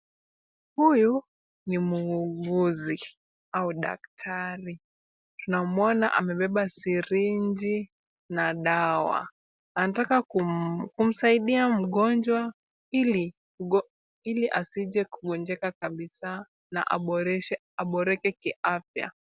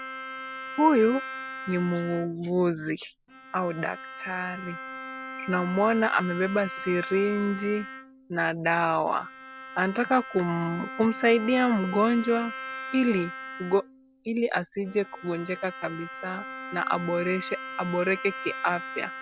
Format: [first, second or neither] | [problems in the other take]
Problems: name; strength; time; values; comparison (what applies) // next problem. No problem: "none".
first | background sound (Bowed string instrument); 11 dB below the speech